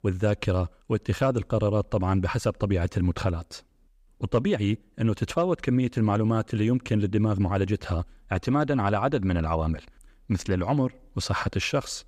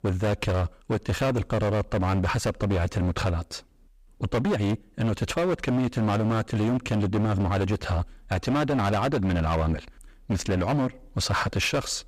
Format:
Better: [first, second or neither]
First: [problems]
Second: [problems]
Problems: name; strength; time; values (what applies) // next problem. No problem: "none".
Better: first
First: none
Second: distortion; heavy; 22% of the sound clipped